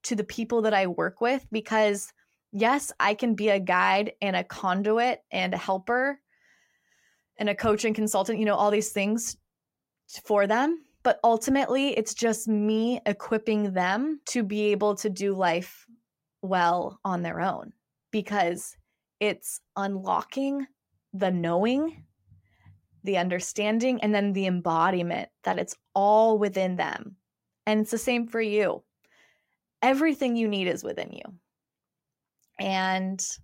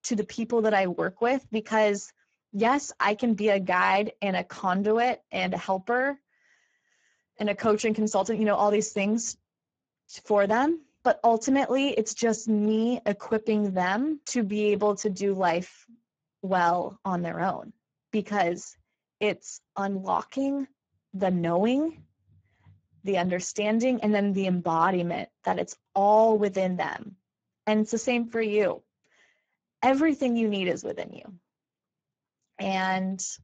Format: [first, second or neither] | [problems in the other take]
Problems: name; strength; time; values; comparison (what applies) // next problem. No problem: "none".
first | garbled, watery; badly; nothing above 7.5 kHz